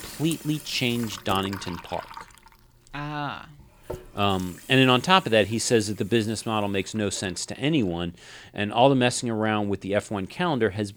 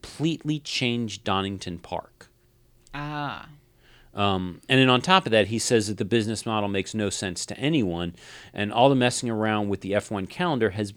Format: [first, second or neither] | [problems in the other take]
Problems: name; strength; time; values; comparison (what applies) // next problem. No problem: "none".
second | household noises; noticeable; throughout; 15 dB below the speech